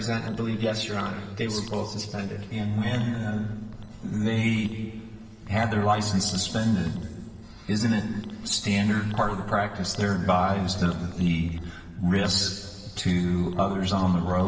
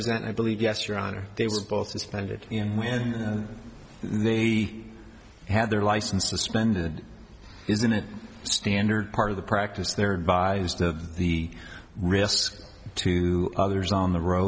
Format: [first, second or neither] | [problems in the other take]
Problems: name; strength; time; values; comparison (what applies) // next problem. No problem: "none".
second | noise reduction (neural separator model SepFormer DNS4)